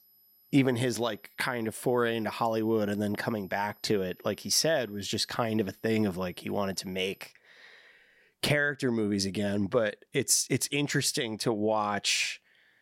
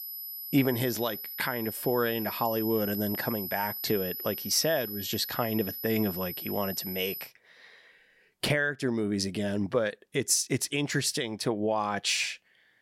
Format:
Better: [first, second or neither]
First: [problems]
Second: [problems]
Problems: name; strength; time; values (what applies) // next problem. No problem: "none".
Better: first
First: high-pitched whine; faint; until 7 s; 12 kHz, 30 dB below the speech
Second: high-pitched whine; loud; until 7 s; 12 kHz, 6 dB below the speech